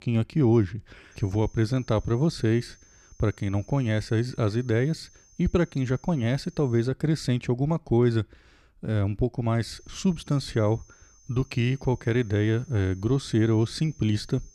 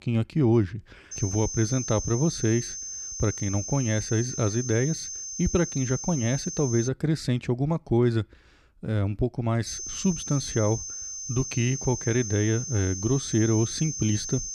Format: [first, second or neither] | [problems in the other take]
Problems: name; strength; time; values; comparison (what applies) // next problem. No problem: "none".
first | high-pitched whine; loud; from 1 to 7 s and from 9.5 s on; 6.5 kHz, 6 dB below the speech; faint in the first